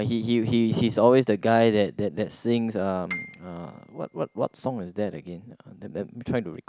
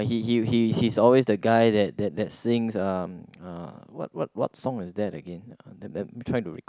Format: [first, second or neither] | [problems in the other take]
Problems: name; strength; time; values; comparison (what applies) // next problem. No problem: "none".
second | background sound (Piano); 16 dB below the speech